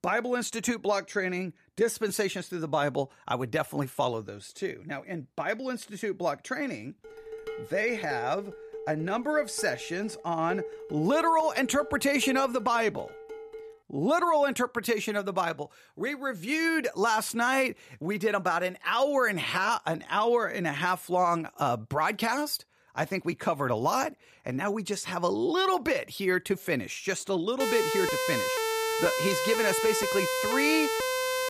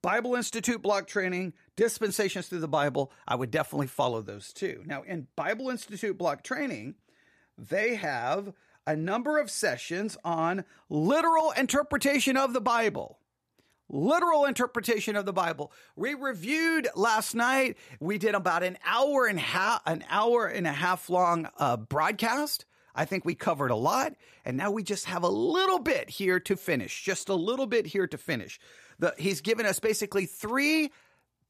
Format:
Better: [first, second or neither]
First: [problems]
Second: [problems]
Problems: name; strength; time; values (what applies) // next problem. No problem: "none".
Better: second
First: clattering dishes; noticeable; from 7 to 14 s; peak 8 dB below the speech // siren; loud; from 28 s on; peak 1 dB above the speech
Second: none